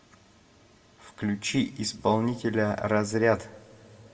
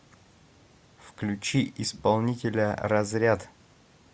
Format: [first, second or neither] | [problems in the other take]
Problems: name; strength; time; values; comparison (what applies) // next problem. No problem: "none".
second | room echo; dies away in 1.6 s